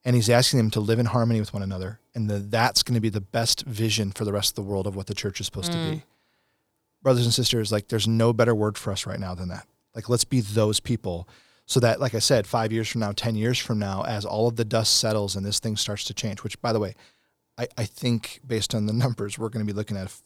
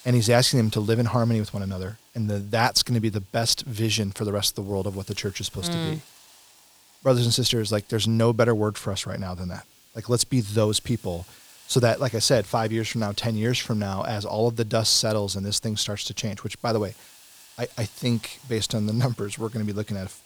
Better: first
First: none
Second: hiss; faint; throughout; 25 dB below the speech

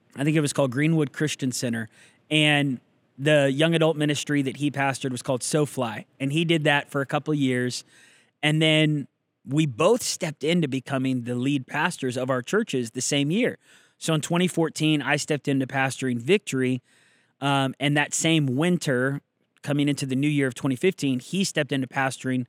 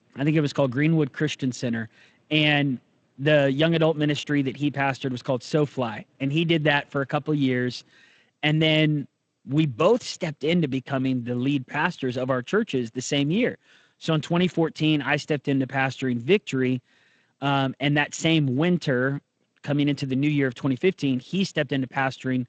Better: first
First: none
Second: garbled, watery; slightly; nothing above 7.5 kHz

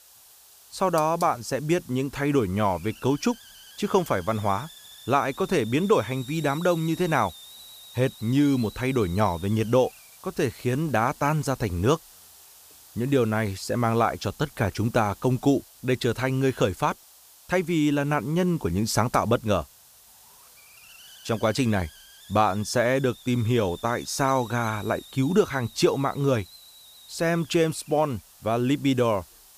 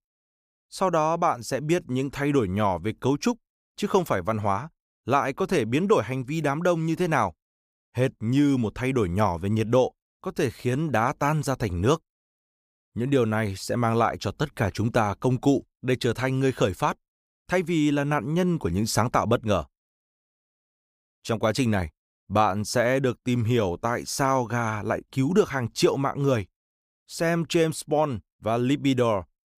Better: second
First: hiss; faint; throughout; 20 dB below the speech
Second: none

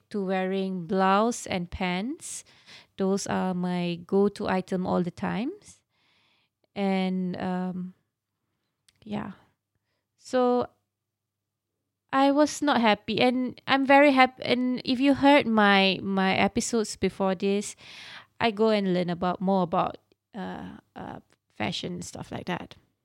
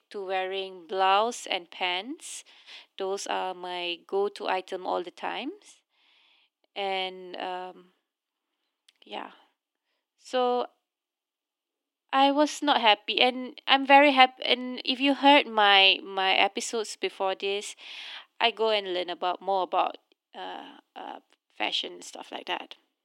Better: first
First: none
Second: thin; somewhat; fading below 300 Hz

